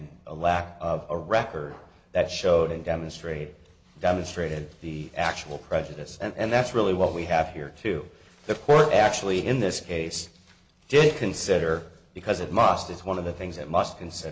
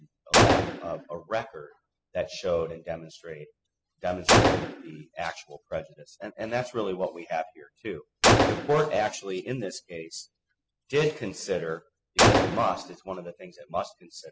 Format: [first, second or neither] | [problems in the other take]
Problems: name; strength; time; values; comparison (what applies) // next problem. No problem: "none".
first | noise reduction (classical method spectral subtraction)